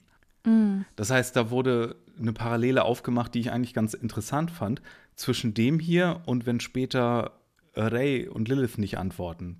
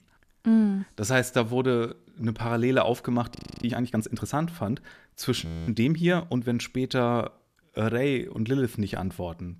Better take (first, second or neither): first